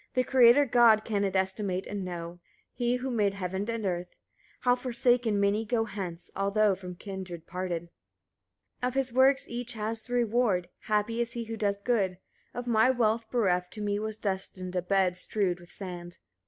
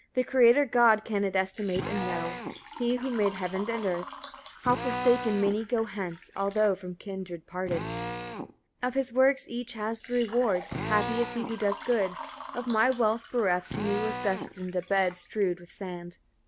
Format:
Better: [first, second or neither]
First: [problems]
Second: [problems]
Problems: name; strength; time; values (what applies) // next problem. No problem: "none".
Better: first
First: none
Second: background sound (Water / Liquid + Drill); 10 dB below the speech